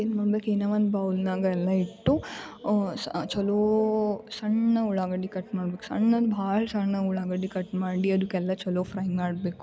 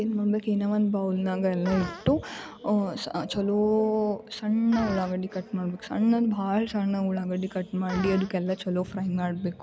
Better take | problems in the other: first | background sound (Fart); 17 dB below the speech

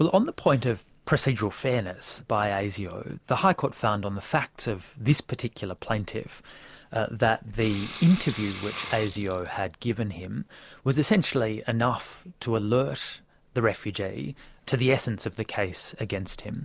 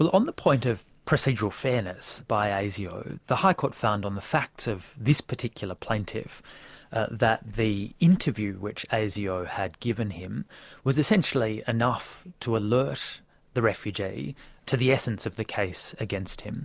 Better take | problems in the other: second | background sound (Sink (filling or washing) / Water); 13 dB below the speech

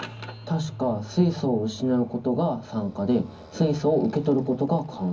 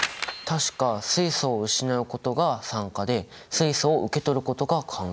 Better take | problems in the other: second | background sound (Motorcycle); 19 dB below the speech // room echo; dies away in 0.4 s

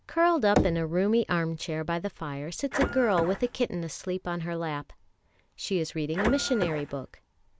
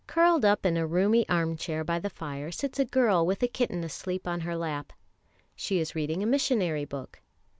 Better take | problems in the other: second | background sound (Printer + Knock / Wood); 5 dB below the speech

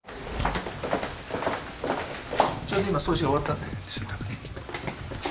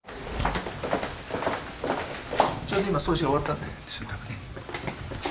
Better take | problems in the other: second | background sound (Drum kit); 9 dB below the speech

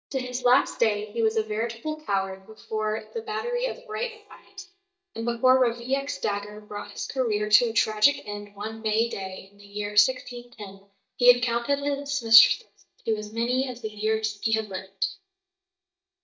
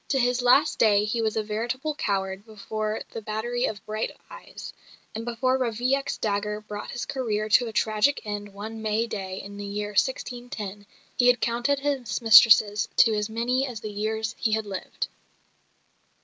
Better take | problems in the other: second | noise reduction (neural mask model DeepFilterNet 3)

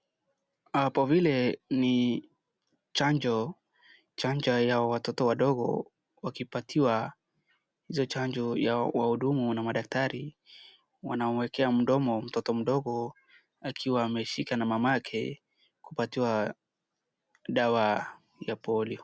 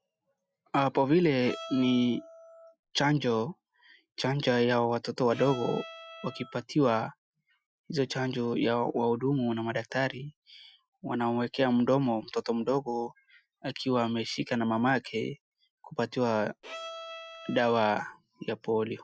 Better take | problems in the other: first | noise reduction (classical method Wiener filter)

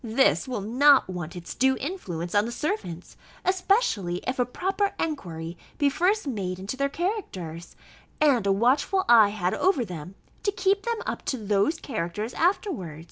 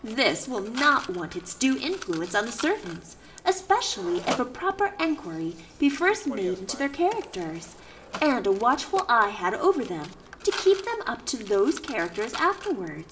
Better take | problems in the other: first | background sound (Mechanisms); 15 dB below the speech // room echo; dies away in 2.6 s

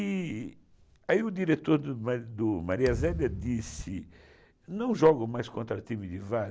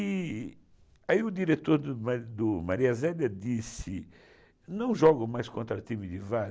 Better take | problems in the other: second | background sound (Thump, thud); 11 dB below the speech

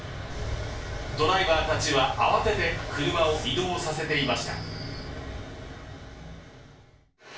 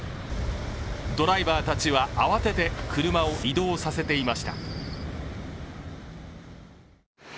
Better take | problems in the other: second | room echo; dies away in 0.3 s

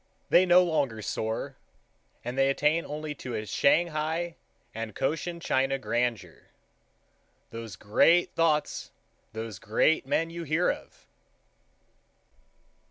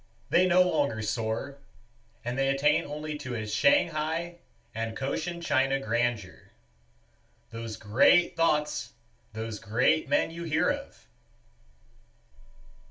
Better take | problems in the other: first | room echo; dies away in 0.2 s

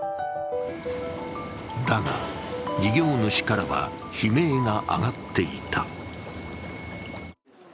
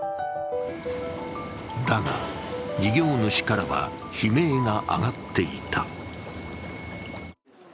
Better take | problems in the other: second | background sound (Bell); 15 dB below the speech

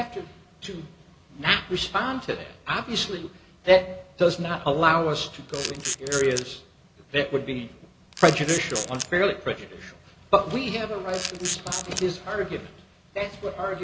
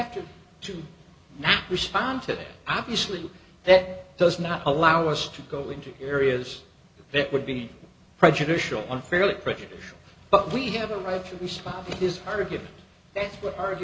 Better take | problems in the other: second | background sound (Camera); 6 dB below the speech

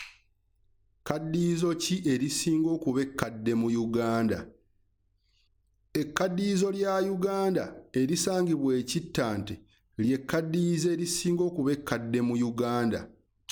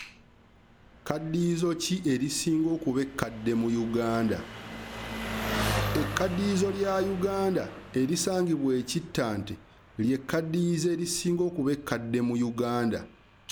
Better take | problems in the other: first | background sound (Engine); 10 dB below the speech

